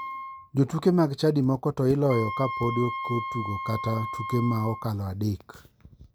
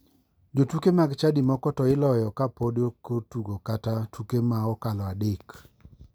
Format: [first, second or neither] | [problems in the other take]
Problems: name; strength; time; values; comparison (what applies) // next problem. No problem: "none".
second | background sound (Wind instrument, woodwind instrument); 10 dB below the speech